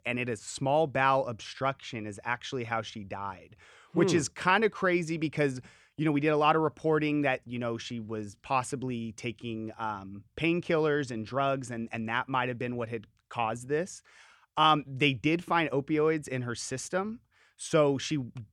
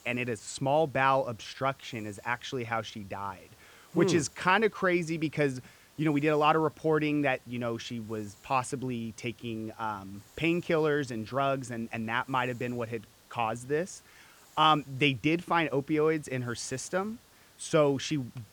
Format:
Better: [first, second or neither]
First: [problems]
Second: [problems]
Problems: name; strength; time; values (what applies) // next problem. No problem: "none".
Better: first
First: none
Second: hiss; faint; throughout; 25 dB below the speech